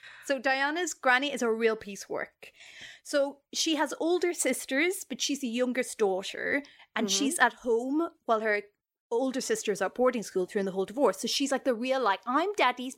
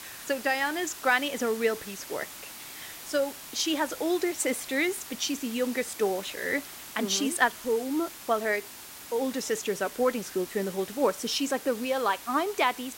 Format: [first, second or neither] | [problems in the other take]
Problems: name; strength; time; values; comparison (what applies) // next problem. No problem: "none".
first | hiss; noticeable; throughout; 10 dB below the speech